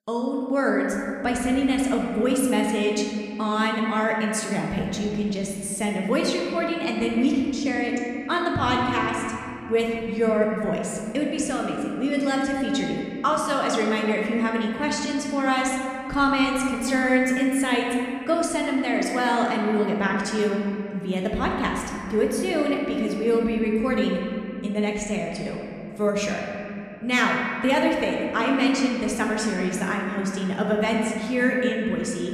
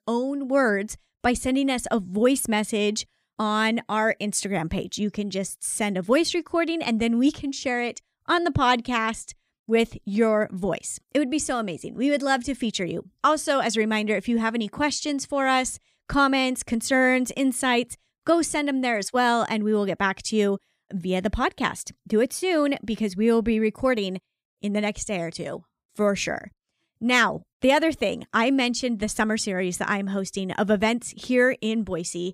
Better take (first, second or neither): second